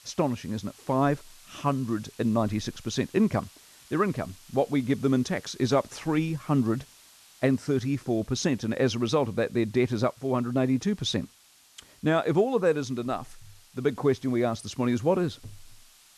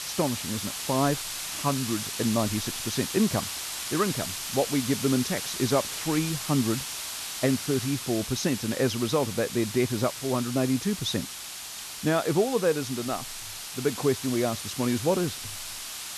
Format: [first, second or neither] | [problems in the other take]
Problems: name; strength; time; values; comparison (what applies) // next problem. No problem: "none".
first | hiss; loud; throughout; 5 dB below the speech; faint in the first